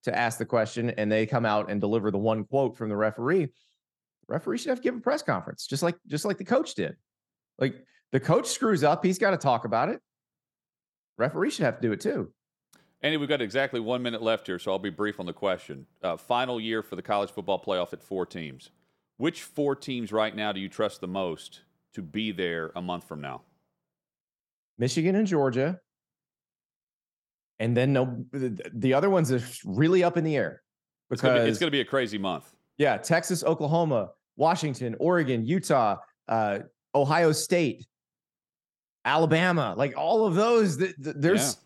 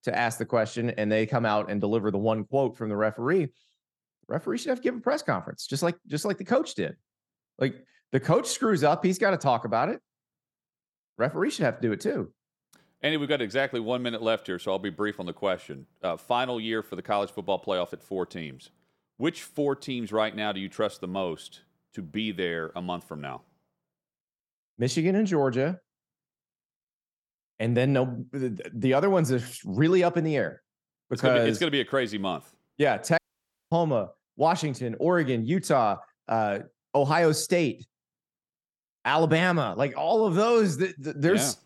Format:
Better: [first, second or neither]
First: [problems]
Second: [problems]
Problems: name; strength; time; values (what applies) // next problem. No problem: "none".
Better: first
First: none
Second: audio cutting out; at 33 s for 0.5 s